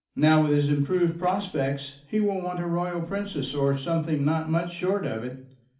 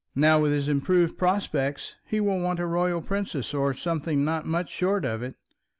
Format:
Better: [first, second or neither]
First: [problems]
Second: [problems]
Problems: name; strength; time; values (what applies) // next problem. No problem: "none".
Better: second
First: room echo; dies away in 0.4 s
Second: none